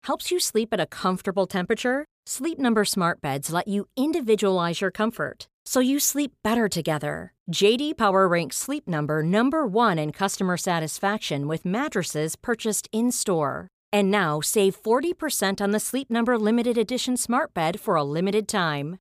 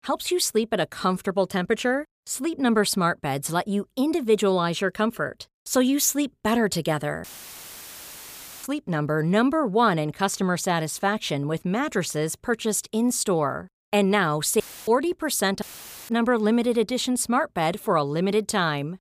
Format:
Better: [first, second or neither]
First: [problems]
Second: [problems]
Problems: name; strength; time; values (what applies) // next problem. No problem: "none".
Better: first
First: none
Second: audio cutting out; filled with static; at 7 s for 1.5 s, at 15 s and at 16 s